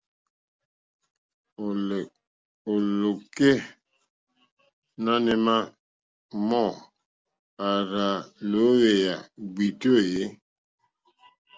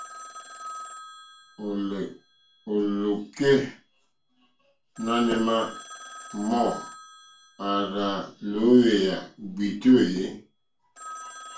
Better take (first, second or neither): first